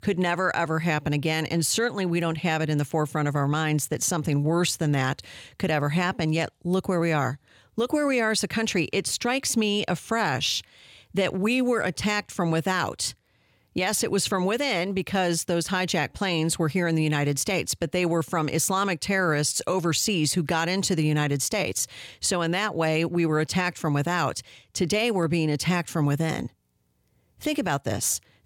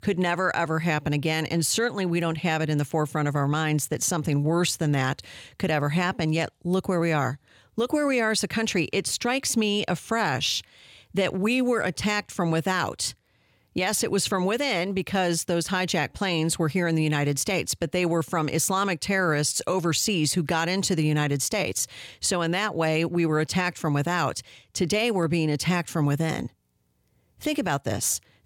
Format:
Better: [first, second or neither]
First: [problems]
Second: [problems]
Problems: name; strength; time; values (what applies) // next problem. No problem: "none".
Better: neither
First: none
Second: none